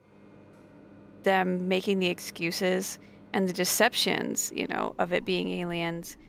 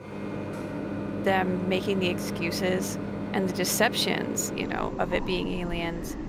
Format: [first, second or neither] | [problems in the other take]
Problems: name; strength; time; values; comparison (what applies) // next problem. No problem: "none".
first | household noises; loud; throughout; 5 dB below the speech; faint in the first